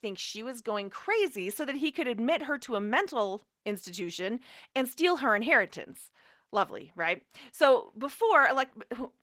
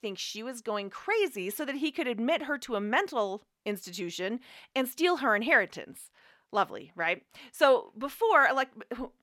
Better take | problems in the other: second | garbled, watery; slightly; nothing above 16.5 kHz

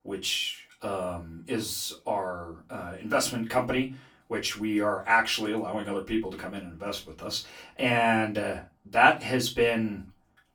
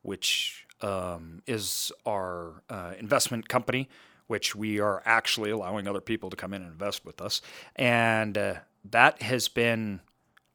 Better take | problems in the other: second | off-mic speech; far // room echo; very slight; dies away in 0.2 s

